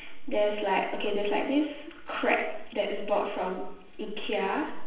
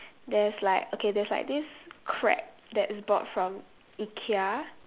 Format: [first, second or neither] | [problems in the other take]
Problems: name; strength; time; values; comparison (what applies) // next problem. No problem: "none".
second | room echo; dies away in 0.8 s